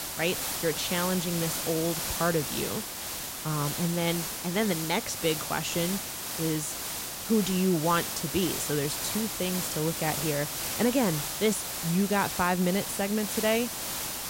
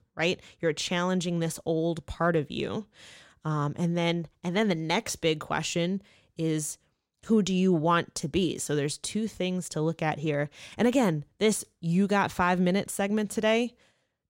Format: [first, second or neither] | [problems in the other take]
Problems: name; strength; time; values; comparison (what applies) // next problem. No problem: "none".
second | hiss; loud; throughout; 2 dB below the speech